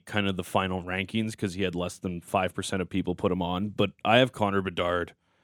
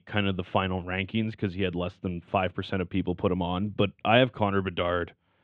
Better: first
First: none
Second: muffled; slightly; fading above 3 kHz

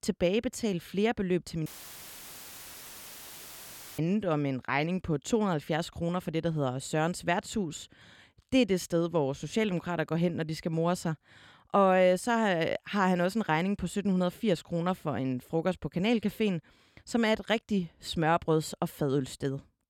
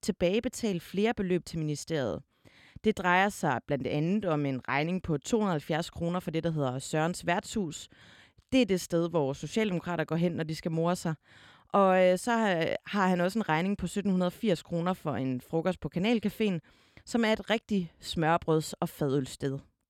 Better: second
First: audio cutting out; filled with static; at 1.5 s for 2.5 s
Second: none

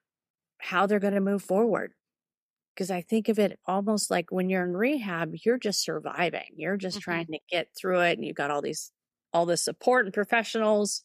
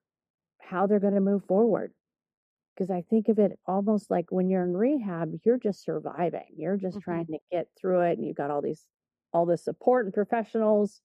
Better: first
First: none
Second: muffled; very; fading above 1.5 kHz

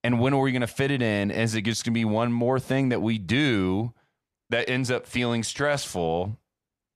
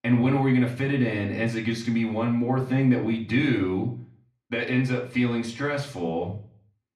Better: first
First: none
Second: room echo; slight; dies away in 0.5 s // off-mic speech; far

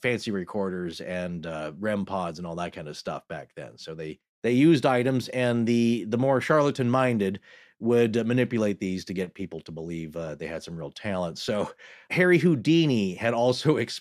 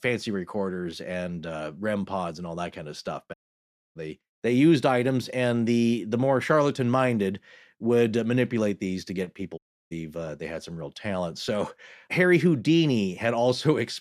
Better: first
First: none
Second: audio cutting out; at 3.5 s for 0.5 s and at 9.5 s

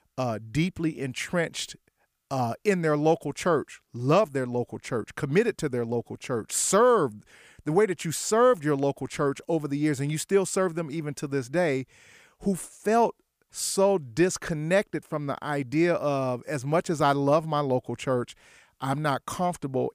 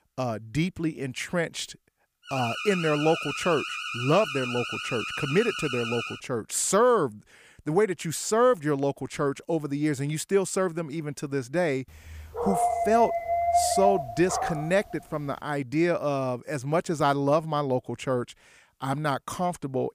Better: first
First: none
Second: alarm; noticeable; from 2.5 to 6 s; peak 4 dB below the speech // dog barking; loud; from 12 to 15 s; peak 3 dB above the speech

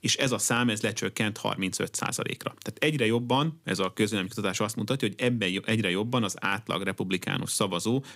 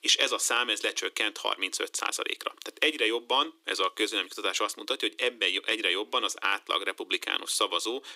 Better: first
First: none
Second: thin; very; fading below 300 Hz

